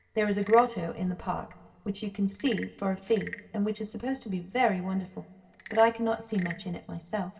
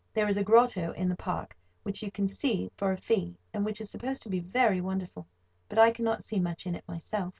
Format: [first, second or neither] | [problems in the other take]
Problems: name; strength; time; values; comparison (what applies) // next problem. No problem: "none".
second | background sound (Wood / Percussion / Frog); 19 dB below the speech // room echo; dies away in 1.5 s